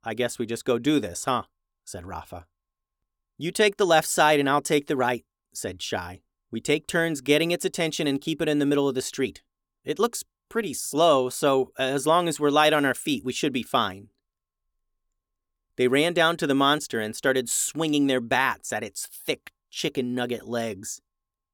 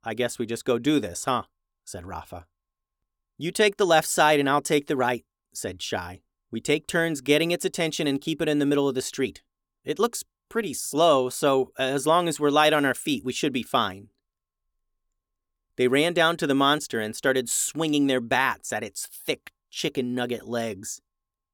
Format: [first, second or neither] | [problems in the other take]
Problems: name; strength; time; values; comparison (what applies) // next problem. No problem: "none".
neither | none